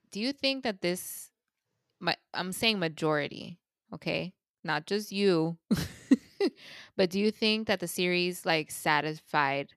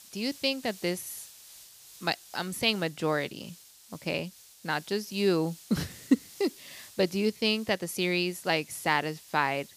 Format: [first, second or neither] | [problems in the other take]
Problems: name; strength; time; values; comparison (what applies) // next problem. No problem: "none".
first | hiss; noticeable; throughout; 20 dB below the speech